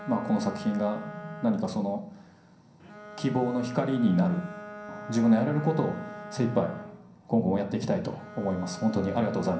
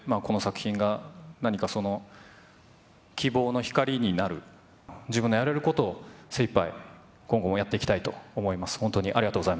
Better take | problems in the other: second | background sound (Bowed string instrument); 15 dB below the speech // room echo; dies away in 0.6 s

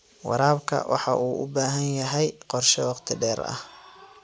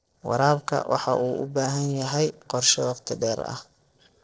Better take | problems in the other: first | noise reduction (neural separator model SepFormer DNS4)

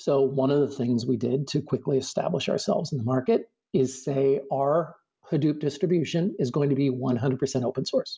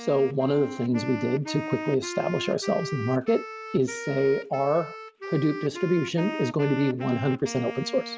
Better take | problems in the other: first | background sound (Wind instrument, woodwind instrument); 10 dB below the speech

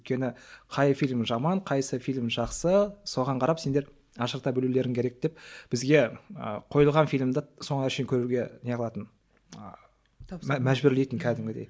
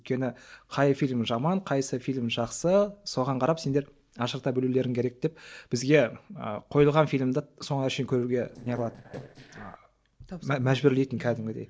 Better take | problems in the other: first | noise reduction (neural separator model SepFormer DNS4)

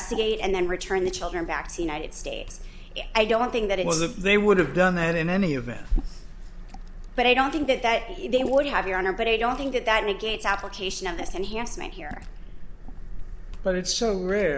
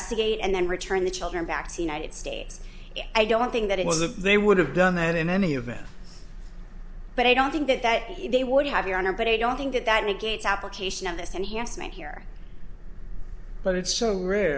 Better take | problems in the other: second | background sound (Liquid); 14 dB below the speech

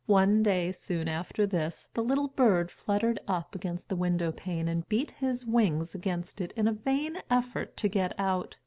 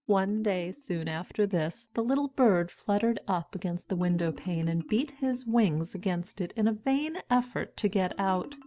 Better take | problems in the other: first | noise reduction (neural mask model DeepFilterNet 3)

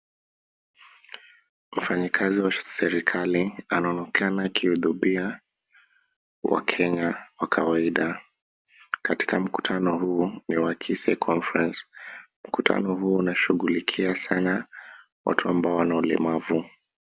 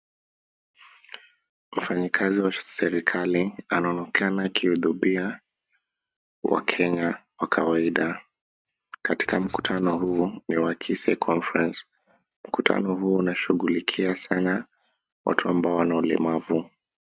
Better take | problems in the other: first | noise reduction (neural mask model RNNoise)

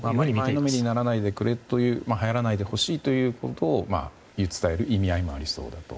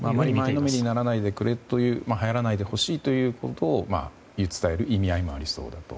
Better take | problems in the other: second | noise reduction (neural mask model Resemble Enhance denoiser)

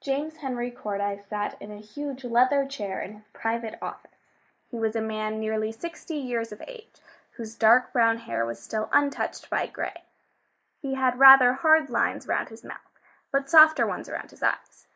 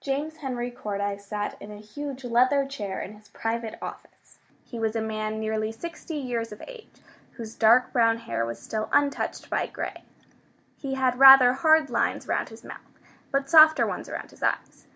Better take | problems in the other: second | noise reduction (neural mask model Resemble Enhance denoiser)

